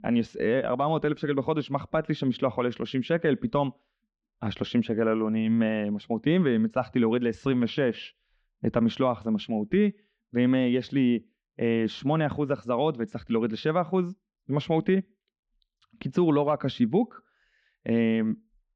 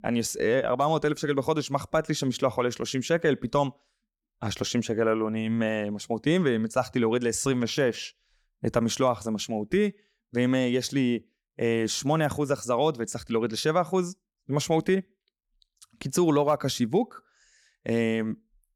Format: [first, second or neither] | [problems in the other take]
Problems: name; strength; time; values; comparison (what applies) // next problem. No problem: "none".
second | muffled; very; fading above 3.5 kHz